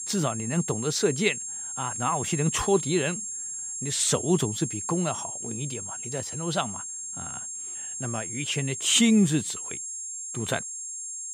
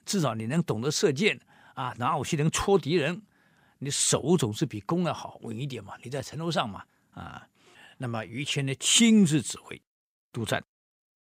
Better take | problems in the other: second | high-pitched whine; loud; throughout; 7.5 kHz, 5 dB below the speech

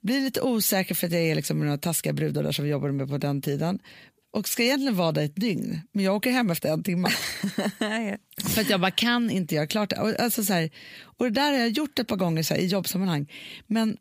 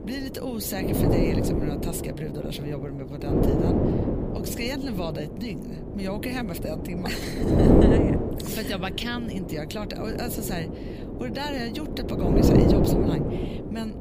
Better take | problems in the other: first | wind noise on the microphone; heavy; 5 dB above the speech

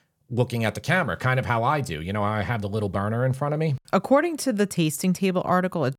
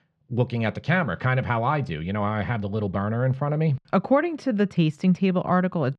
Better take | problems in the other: first | muffled; slightly; fading above 3.5 kHz

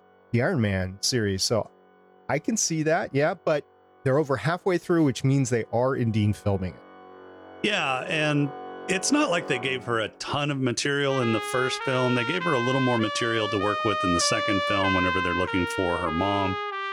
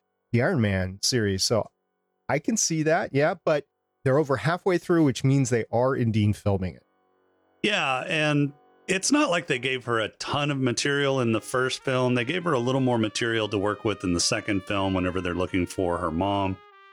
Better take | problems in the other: second | background music; loud; throughout; 4 dB below the speech; faint in the second

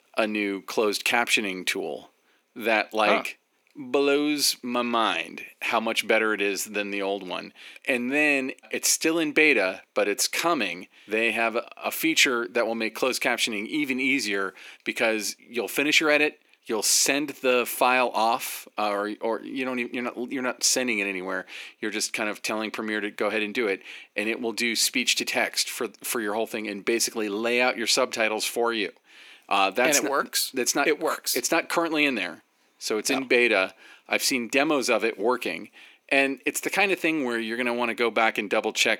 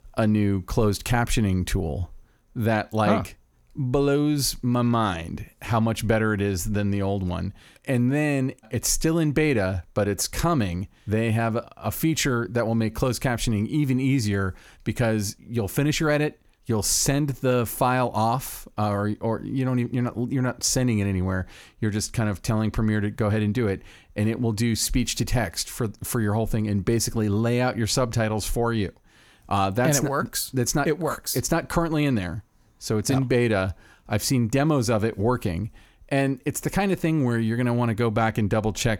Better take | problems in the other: second | thin; somewhat; fading below 300 Hz

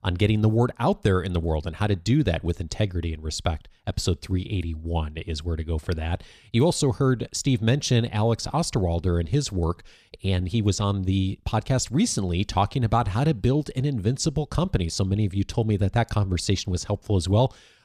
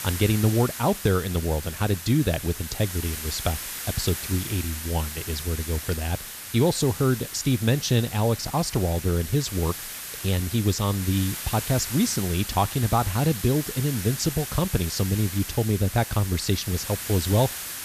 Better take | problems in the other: first | hiss; loud; throughout; 8 dB below the speech

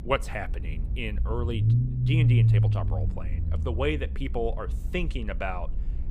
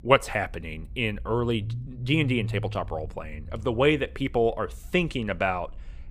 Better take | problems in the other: second | low rumble; loud; throughout; 5 dB below the speech; faint in the second

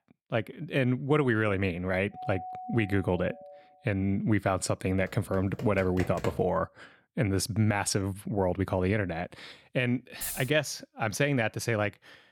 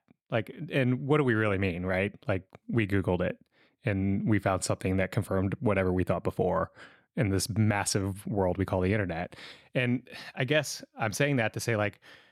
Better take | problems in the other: second | doorbell; faint; from 2 to 3.5 s; peak 10 dB below the speech // keyboard typing; noticeable; from 5 to 6.5 s; peak 9 dB below the speech // jangling keys; noticeable; at 10 s; peak 6 dB below the speech

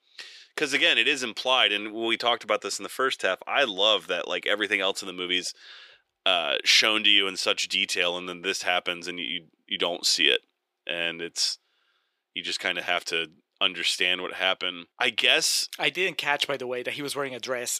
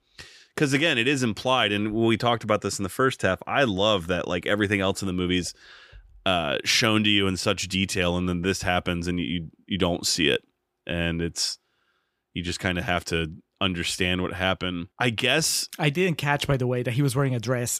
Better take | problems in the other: second | thin; somewhat; fading below 450 Hz

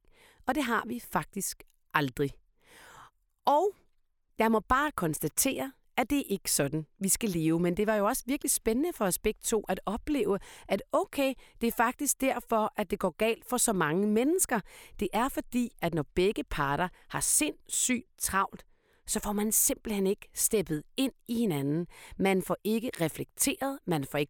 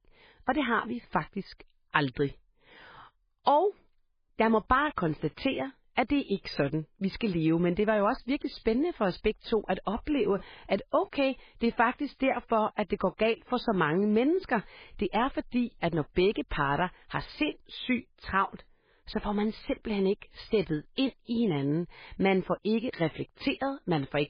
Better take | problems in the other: first | garbled, watery; badly

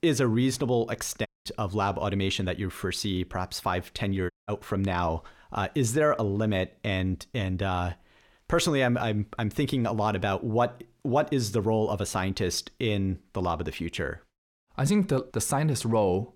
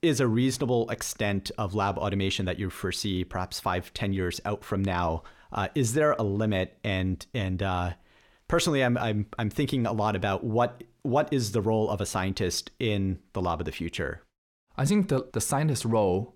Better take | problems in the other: second | audio cutting out; at 1.5 s and at 4.5 s

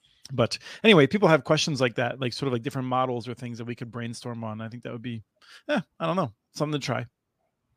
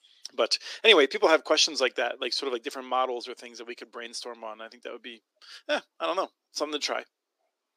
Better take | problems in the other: first | thin; very; fading below 300 Hz

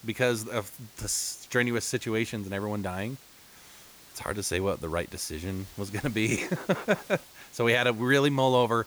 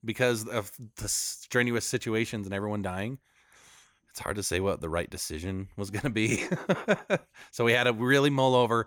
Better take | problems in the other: second | hiss; faint; throughout; 20 dB below the speech

